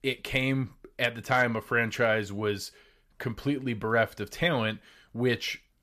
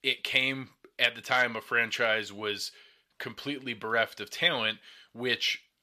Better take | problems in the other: first | thin; somewhat; fading below 900 Hz

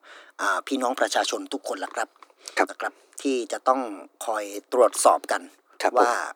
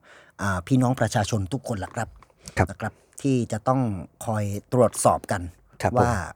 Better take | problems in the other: second | thin; somewhat; fading below 300 Hz

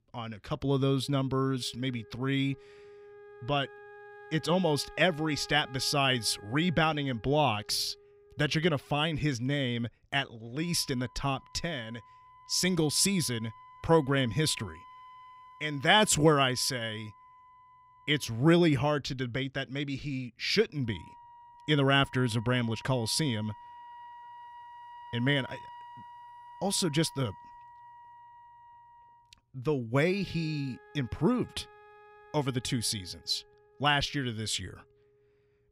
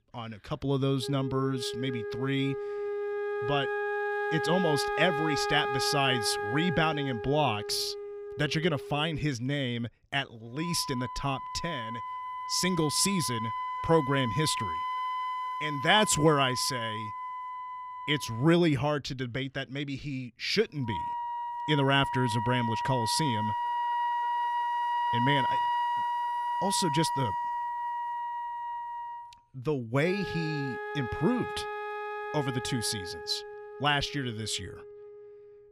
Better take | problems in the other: first | background music; loud; throughout; 4 dB below the speech; faint in the first

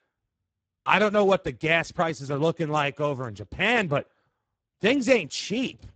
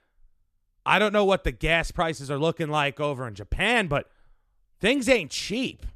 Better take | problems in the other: second | garbled, watery; badly; nothing above 8 kHz

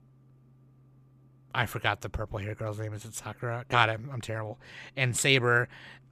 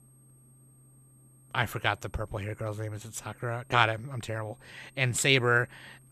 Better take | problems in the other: first | high-pitched whine; faint; throughout; 8.5 kHz, 30 dB below the speech

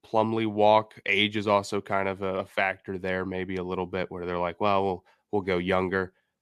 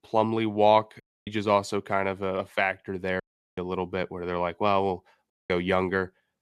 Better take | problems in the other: first | audio cutting out; at 1 s, at 3 s and at 5.5 s

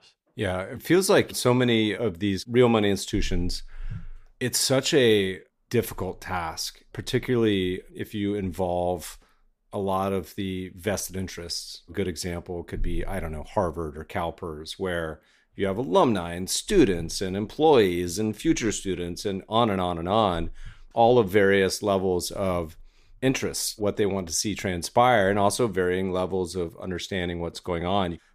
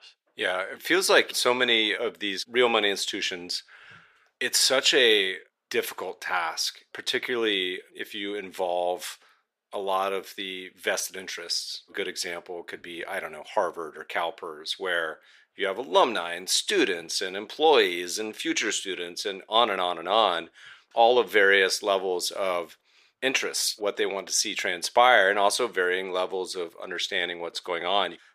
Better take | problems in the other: first | thin; very; fading below 500 Hz

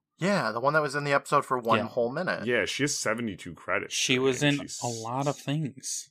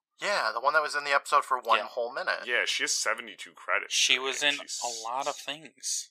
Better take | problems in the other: first | thin; very; fading below 800 Hz

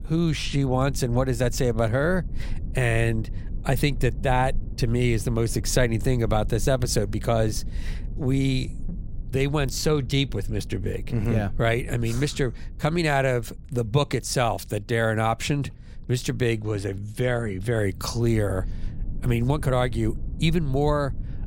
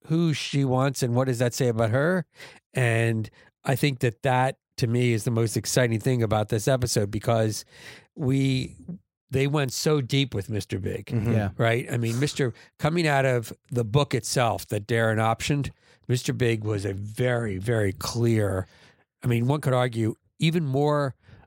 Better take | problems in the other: second | low rumble; faint; throughout; 25 dB below the speech

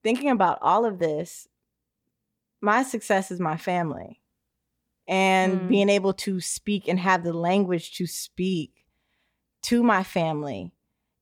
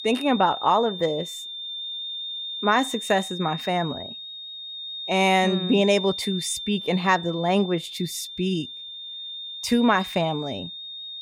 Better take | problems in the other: first | high-pitched whine; loud; throughout; 3.5 kHz, 9 dB below the speech

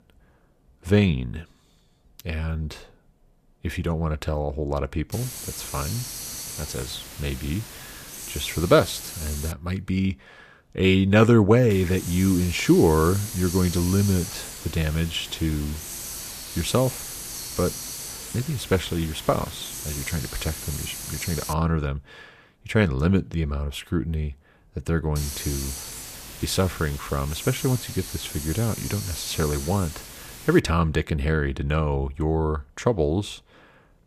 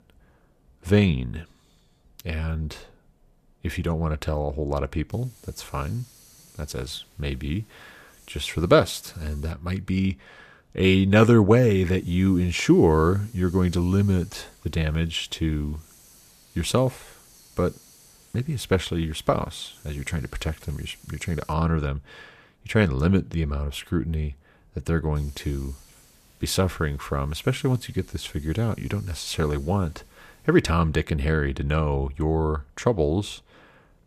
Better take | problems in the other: second | hiss; loud; from 5 to 9.5 s, from 12 to 22 s and from 25 to 31 s; 9 dB below the speech; faint in the second

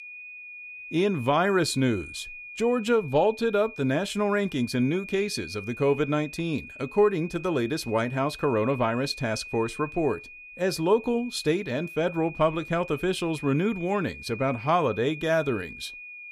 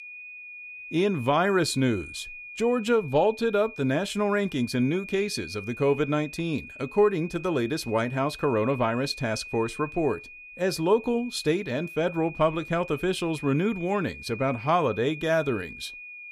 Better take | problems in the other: neither | high-pitched whine; noticeable; throughout; 2.5 kHz, 15 dB below the speech; the same in both

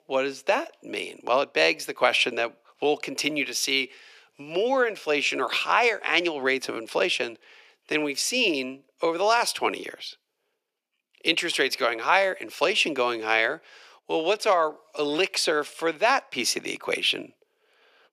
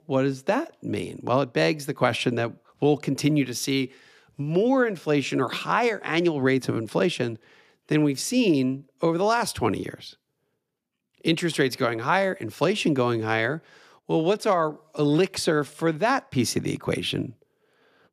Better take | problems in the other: second | thin; somewhat; fading below 550 Hz

